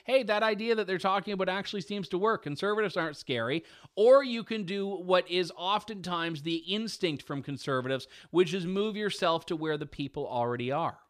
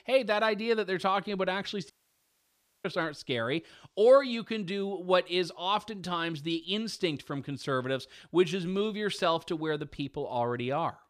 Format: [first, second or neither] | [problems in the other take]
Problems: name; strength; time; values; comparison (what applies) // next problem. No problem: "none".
first | audio cutting out; at 2 s for 1 s